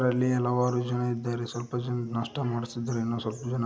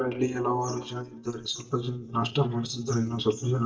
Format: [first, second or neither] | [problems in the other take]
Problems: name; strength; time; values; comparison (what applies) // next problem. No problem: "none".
first | noise reduction (neural mask model DeepFilterNet 3)